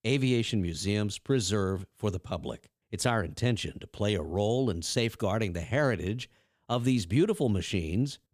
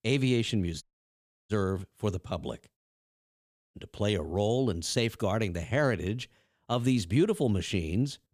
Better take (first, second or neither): first